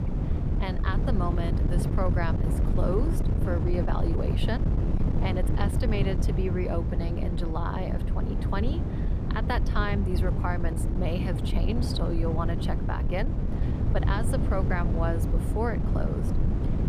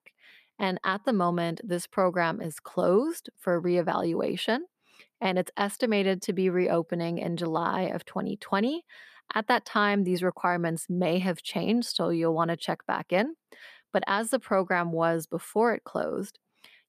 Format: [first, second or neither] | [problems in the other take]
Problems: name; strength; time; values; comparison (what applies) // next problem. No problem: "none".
second | wind noise on the microphone; heavy; 4 dB below the speech